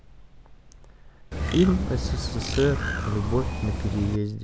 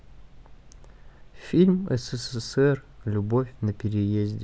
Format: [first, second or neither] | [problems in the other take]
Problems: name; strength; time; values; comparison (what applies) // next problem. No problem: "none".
second | background sound (Bird); 1 dB below the speech